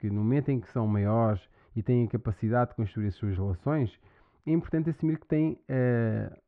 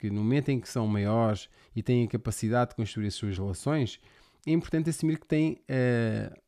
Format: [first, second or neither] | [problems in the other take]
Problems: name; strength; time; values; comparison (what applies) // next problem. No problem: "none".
second | muffled; very; fading above 1.5 kHz